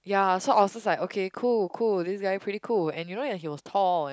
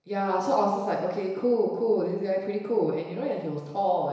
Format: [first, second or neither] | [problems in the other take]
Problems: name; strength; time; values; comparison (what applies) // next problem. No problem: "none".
first | room echo; dies away in 1 s